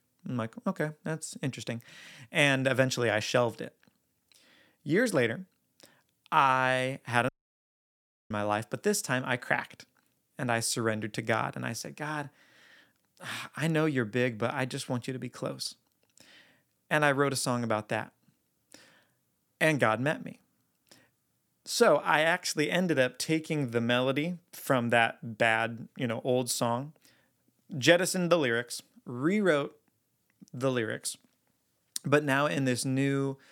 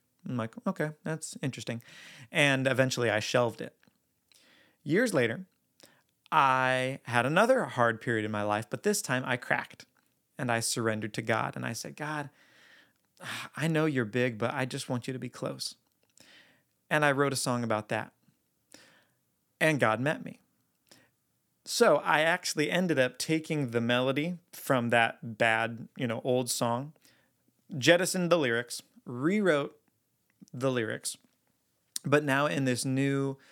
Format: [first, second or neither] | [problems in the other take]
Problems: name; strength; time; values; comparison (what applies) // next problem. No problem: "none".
second | audio cutting out; at 7.5 s for 1 s